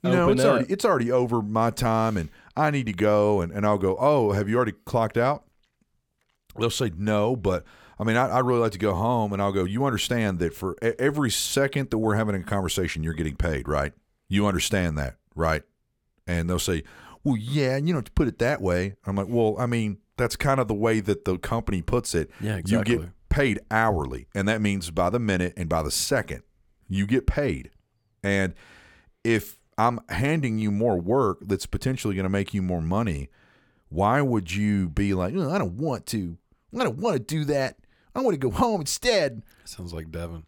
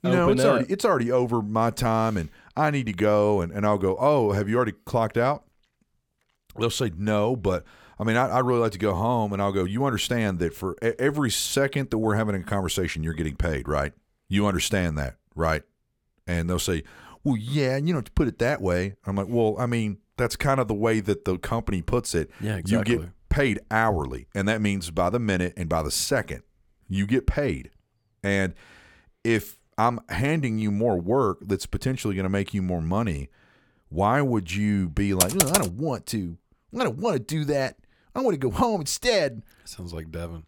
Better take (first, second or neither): first